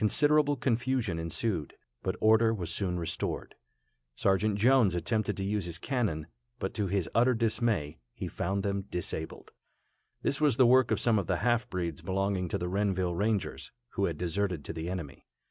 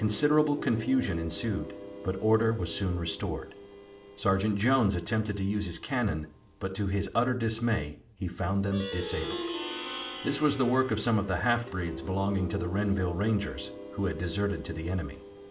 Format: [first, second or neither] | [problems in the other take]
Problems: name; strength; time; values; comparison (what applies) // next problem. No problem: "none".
first | background sound (Plucked string instrument); 12 dB below the speech // room echo; dies away in 0.4 s